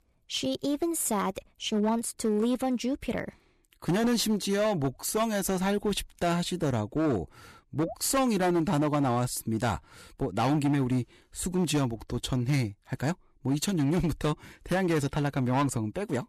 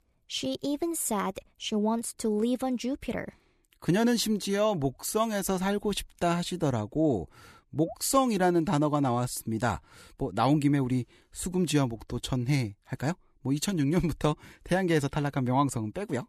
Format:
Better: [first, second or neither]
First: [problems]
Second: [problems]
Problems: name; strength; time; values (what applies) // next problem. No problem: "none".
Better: second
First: distortion; slight; 10% of the sound clipped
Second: none